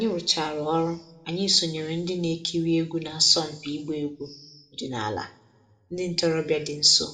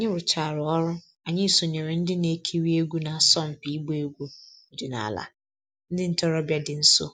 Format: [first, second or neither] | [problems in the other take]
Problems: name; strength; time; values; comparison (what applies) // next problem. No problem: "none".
second | room echo; dies away in 0.7 s